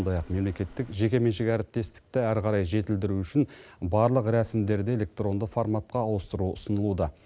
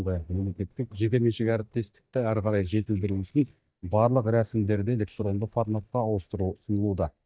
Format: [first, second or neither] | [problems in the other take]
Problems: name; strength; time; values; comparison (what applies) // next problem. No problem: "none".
first | noise reduction (neural mask model DeepFilterNet 3)